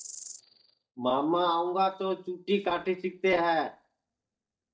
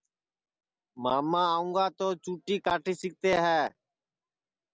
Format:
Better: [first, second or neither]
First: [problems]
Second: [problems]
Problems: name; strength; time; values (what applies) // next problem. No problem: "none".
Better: second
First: noise reduction (neural mask model DeepFilterNet 3)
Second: none